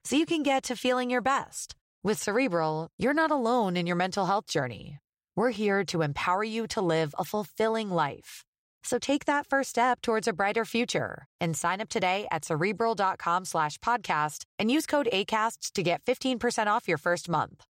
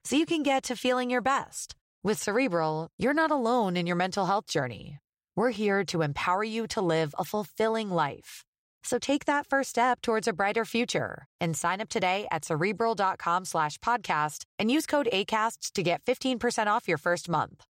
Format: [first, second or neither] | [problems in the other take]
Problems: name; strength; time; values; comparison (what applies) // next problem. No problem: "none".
neither | none